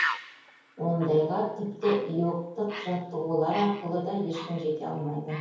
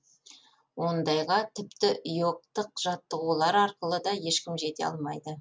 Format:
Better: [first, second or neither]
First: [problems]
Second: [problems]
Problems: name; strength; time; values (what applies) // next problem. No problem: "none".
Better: second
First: background sound (Bird); 11 dB below the speech // room echo; dies away in 0.9 s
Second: none